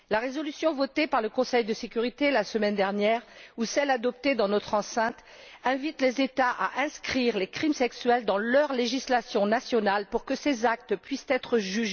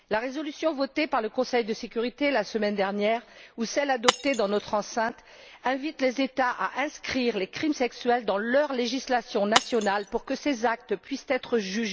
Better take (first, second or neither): first